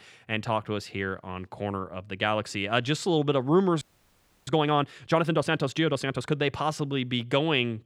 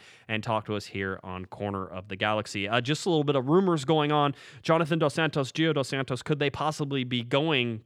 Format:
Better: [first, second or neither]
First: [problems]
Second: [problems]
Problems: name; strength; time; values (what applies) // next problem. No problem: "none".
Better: second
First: audio freezing; at 4 s for 0.5 s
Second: none